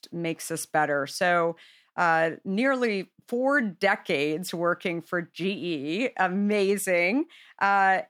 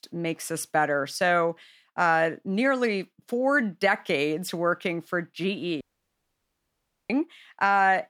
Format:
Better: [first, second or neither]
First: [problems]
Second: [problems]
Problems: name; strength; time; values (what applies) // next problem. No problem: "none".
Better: first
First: none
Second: audio cutting out; at 6 s for 1.5 s